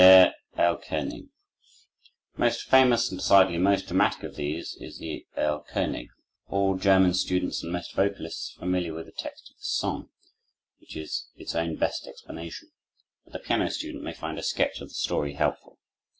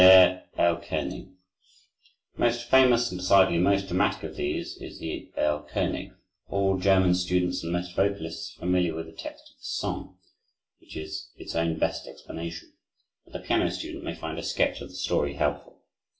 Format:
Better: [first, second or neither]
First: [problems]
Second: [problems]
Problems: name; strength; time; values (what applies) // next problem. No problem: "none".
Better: first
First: none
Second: room echo; dies away in 0.3 s